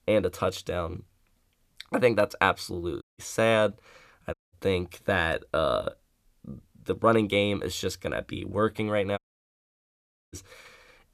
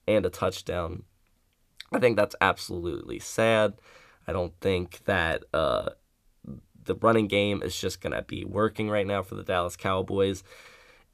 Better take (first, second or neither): second